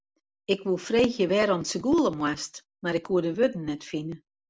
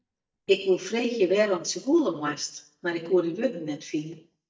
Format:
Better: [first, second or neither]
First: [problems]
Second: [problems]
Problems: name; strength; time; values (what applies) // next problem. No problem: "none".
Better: first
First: none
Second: noise reduction (neural mask model DeepFilterNet 3)